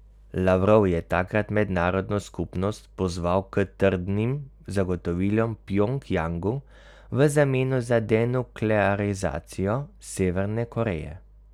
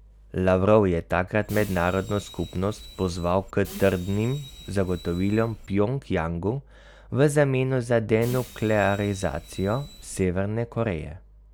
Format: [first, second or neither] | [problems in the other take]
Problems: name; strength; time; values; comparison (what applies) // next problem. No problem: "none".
first | background sound (Bus); 18 dB below the speech